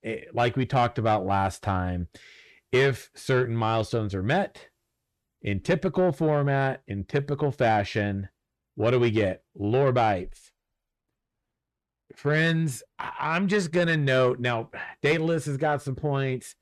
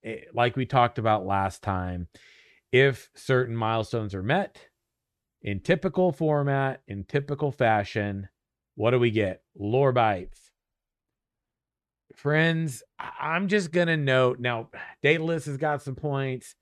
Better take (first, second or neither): second